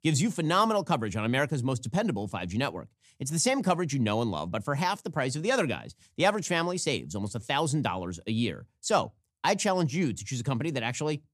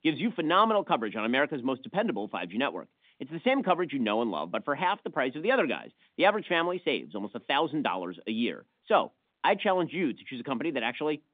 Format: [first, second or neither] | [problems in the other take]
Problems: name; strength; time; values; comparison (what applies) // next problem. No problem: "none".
first | phone-call audio; nothing above 3.5 kHz